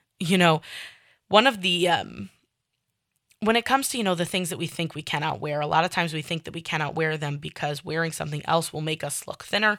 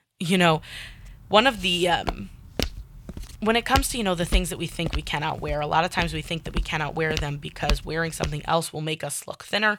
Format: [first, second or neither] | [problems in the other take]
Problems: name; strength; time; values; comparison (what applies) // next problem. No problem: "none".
first | footsteps; noticeable; from 2 to 8.5 s; peak 4 dB below the speech